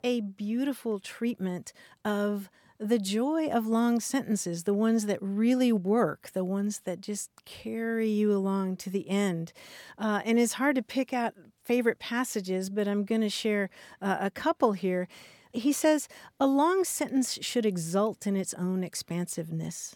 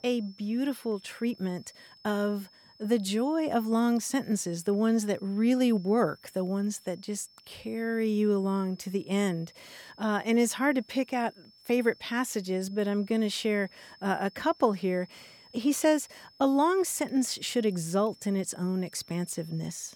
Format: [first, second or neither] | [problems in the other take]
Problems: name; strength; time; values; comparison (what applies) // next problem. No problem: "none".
first | high-pitched whine; faint; throughout; 5 kHz, 25 dB below the speech